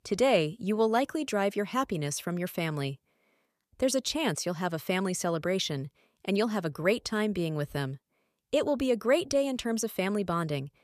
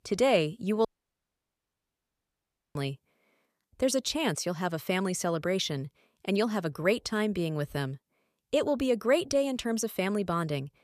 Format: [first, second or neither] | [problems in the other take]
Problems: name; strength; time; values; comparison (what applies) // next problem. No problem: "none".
first | audio cutting out; at 1 s for 2 s